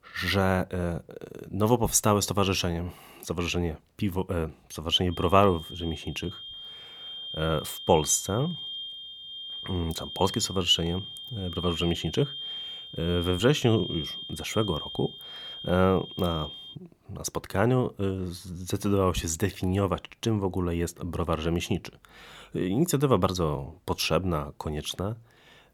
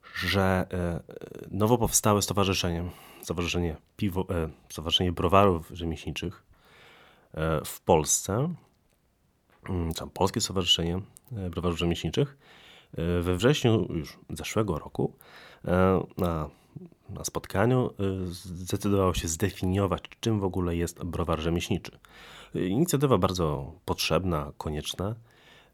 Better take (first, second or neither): second